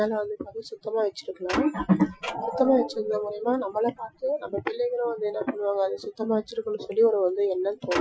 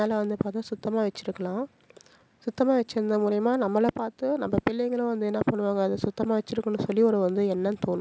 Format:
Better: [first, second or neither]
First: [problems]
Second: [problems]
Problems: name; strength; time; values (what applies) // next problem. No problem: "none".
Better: second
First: noise reduction (classical method Wiener filter)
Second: none